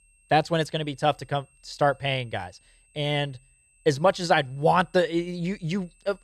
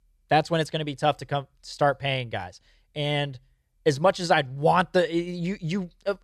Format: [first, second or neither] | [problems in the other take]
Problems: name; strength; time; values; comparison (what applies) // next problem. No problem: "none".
second | high-pitched whine; faint; throughout; 8 kHz, 35 dB below the speech